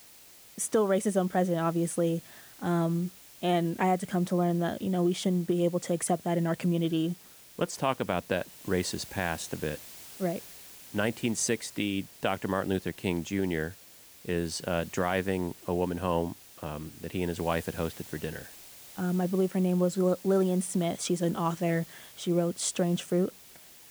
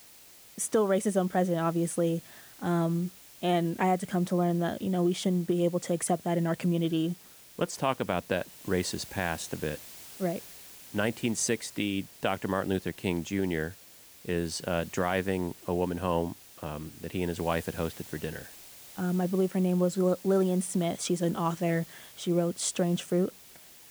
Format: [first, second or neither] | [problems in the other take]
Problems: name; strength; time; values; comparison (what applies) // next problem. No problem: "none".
neither | hiss; noticeable; throughout; 20 dB below the speech; the same in both